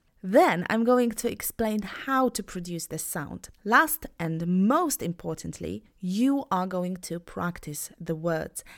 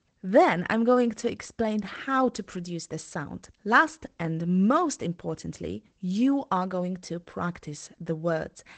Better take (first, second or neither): first